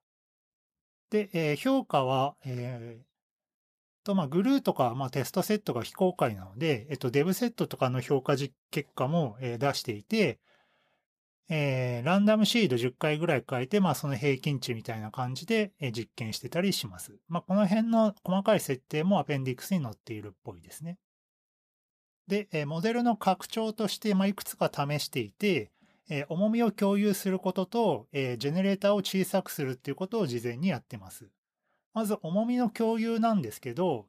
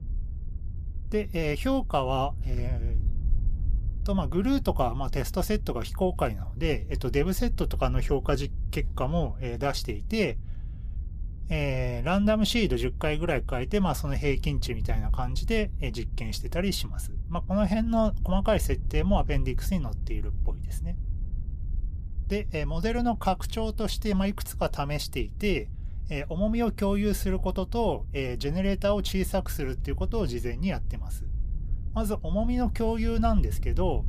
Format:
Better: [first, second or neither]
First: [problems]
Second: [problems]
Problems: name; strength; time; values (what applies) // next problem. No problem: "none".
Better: first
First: none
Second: wind noise on the microphone; occasional gusts; 20 dB below the speech